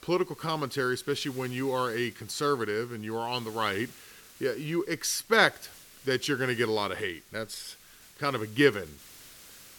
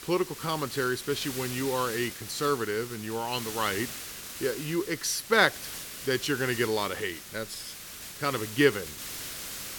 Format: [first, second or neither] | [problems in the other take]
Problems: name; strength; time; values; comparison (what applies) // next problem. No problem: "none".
first | hiss; loud; throughout; 9 dB below the speech; faint in the first